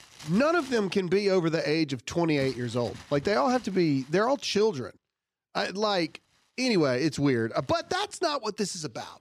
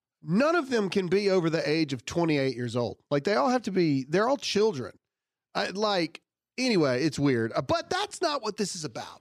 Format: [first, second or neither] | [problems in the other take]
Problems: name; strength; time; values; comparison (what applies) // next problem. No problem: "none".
second | household noises; faint; throughout; 20 dB below the speech